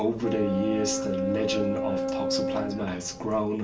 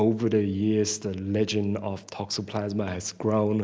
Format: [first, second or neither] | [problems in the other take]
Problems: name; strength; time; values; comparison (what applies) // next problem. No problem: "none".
second | background sound (Boat, Water vehicle); 2 dB below the speech // room echo; dies away in 0.3 s